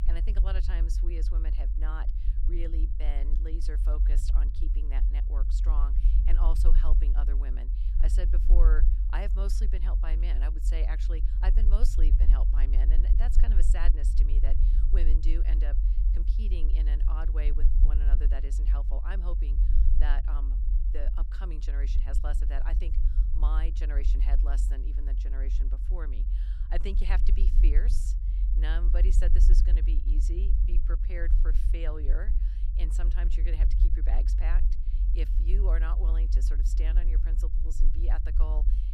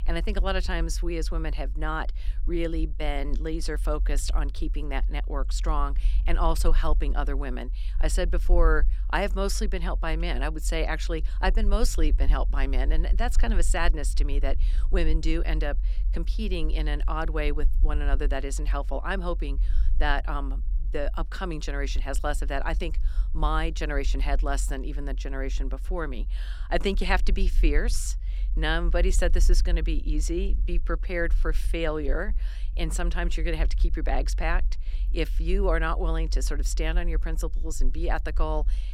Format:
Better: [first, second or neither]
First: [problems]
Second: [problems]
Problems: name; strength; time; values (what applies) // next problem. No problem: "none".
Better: second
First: low rumble; loud; throughout; 6 dB below the speech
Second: low rumble; faint; throughout; 20 dB below the speech